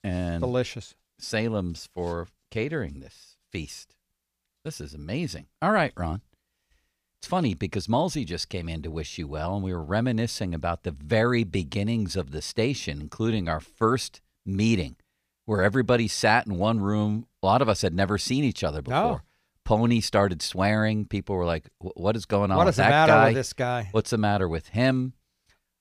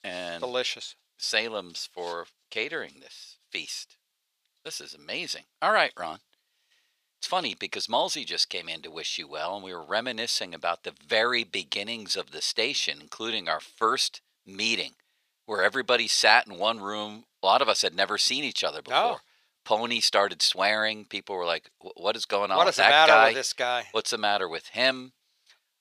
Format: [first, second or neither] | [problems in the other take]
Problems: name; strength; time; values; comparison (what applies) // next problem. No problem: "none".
first | thin; very; fading below 600 Hz